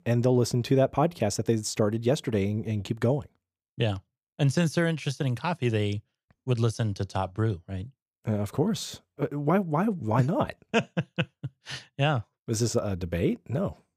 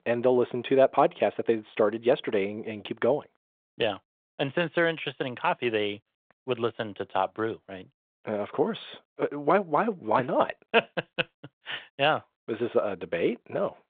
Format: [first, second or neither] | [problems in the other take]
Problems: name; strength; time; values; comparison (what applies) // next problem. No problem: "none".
first | phone-call audio